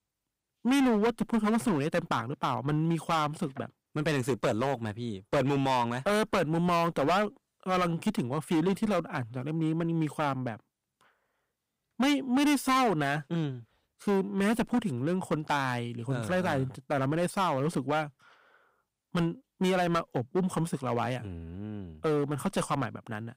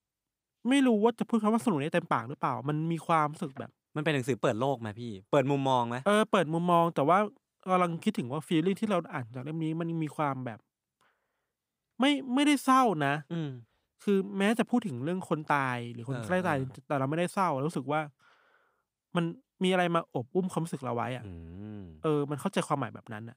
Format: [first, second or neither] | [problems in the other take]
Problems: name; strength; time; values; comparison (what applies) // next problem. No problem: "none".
second | distortion; heavy; 9% of the sound clipped